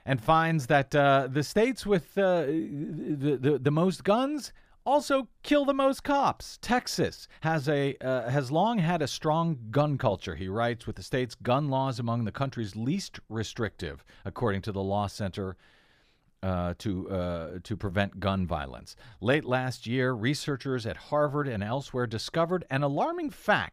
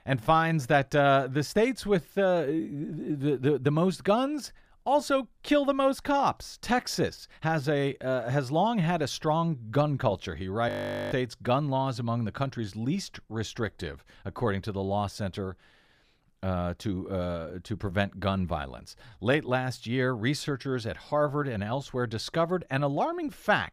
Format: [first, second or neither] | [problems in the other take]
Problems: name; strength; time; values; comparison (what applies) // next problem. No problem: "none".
first | audio freezing; at 11 s